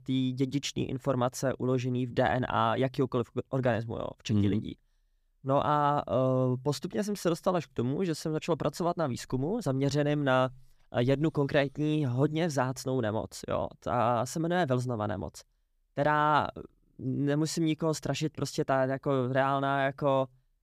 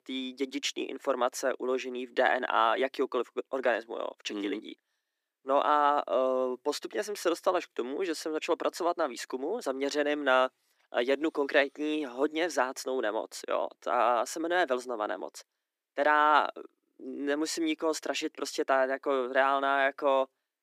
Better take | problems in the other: first | thin; somewhat; fading below 300 Hz

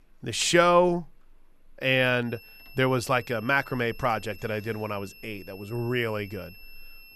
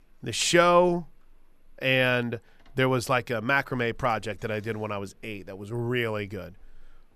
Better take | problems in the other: second | high-pitched whine; faint; from 2.5 s on; 2.5 kHz, 20 dB below the speech

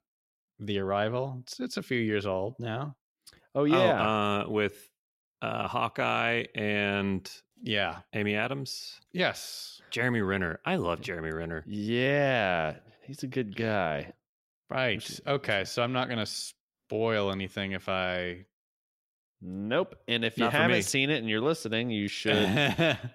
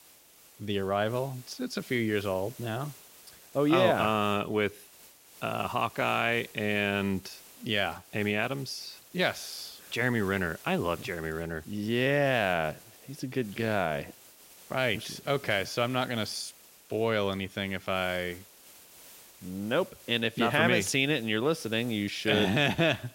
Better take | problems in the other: first | hiss; faint; throughout; 20 dB below the speech

